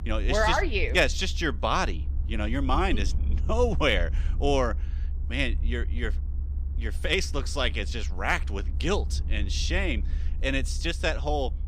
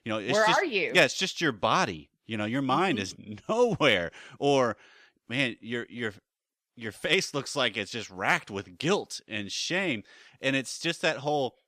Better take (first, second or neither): second